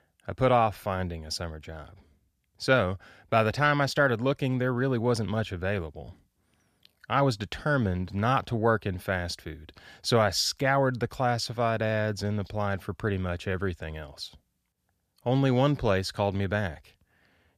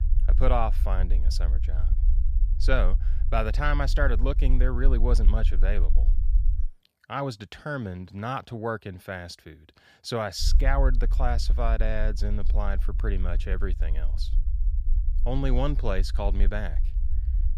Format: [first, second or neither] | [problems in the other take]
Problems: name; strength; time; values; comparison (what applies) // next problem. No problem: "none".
first | low rumble; noticeable; until 6.5 s and from 10 s on; 20 dB below the speech